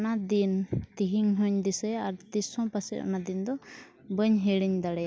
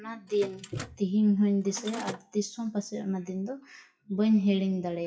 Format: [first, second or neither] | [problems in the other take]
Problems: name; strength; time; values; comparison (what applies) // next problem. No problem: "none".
first | noise reduction (classical method WPE with log-MMSE)